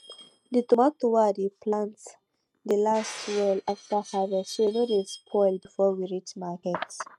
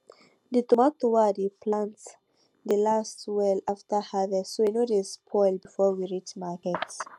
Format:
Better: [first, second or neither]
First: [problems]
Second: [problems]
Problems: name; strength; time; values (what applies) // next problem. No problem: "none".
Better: second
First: noise reduction (neural mask model RNNoise)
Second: none